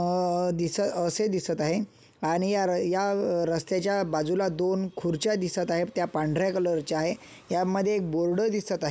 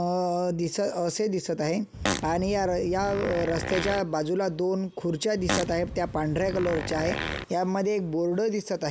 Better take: first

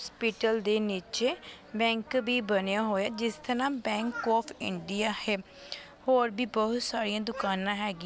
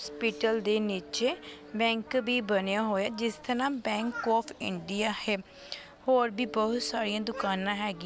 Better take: first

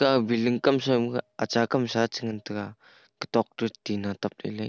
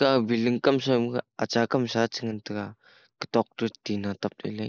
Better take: first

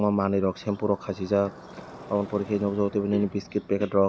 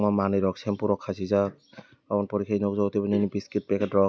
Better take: second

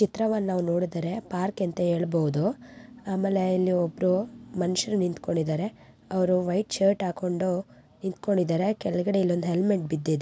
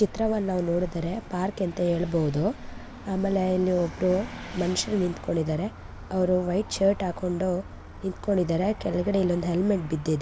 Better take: first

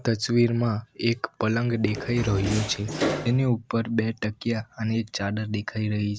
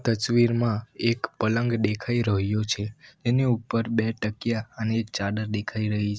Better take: second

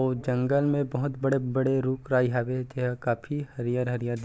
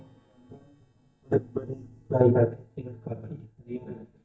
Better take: first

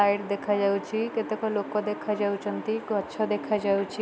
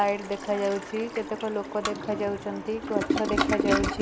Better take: first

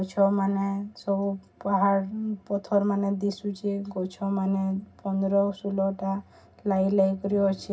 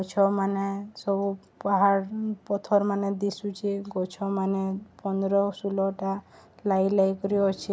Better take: second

